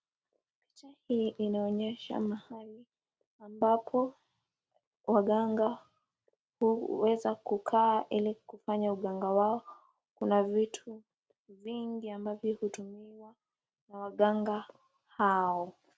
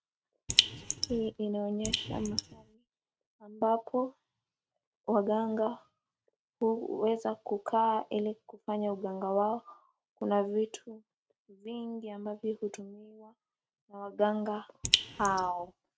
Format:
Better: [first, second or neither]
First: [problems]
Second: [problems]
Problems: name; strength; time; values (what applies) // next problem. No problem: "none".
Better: first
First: none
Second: noise reduction (neural mask model RNNoise)